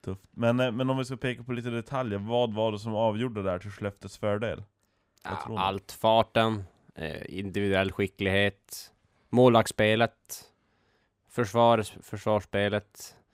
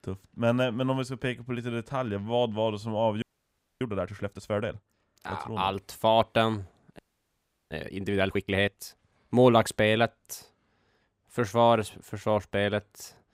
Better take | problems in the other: first | audio freezing; at 3 s for 0.5 s and at 7 s for 0.5 s

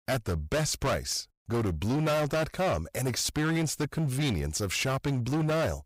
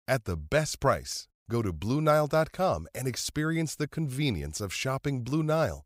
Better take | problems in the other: second | distortion; heavy; 22% of the sound clipped

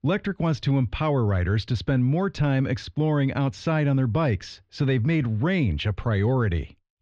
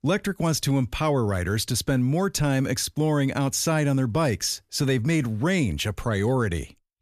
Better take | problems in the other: second | muffled; slightly; fading above 4 kHz

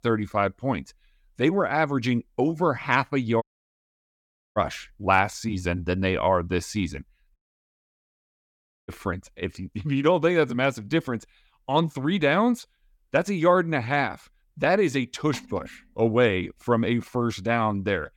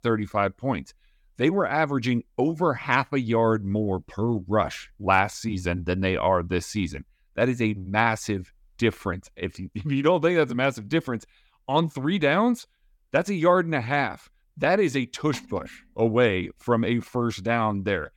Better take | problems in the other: second | audio cutting out; at 3.5 s for 1 s and at 7.5 s for 1.5 s

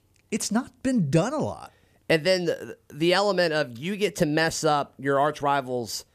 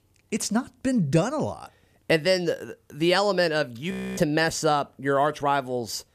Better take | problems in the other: first | audio freezing; at 4 s

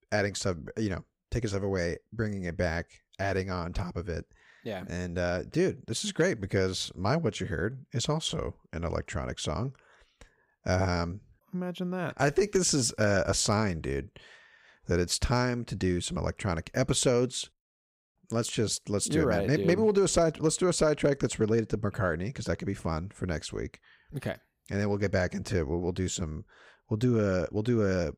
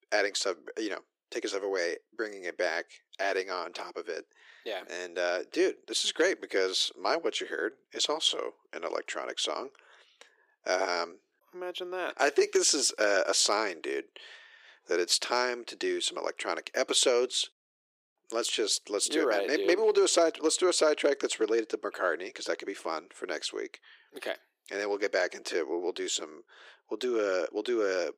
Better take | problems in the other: first | thin; very; fading below 350 Hz

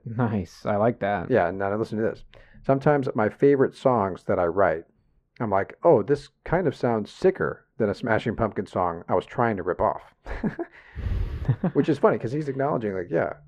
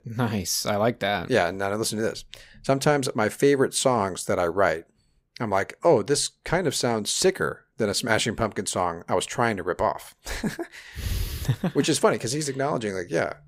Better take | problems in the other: second | muffled; very; fading above 3.5 kHz

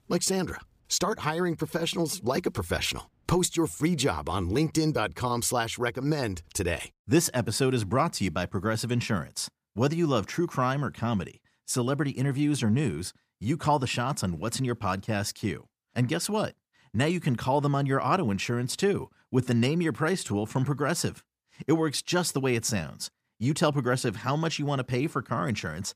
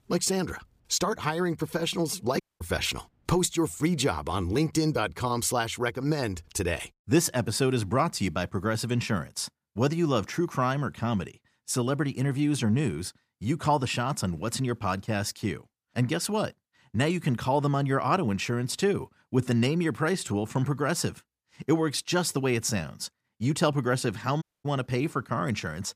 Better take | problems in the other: first | audio cutting out; at 2.5 s and at 24 s

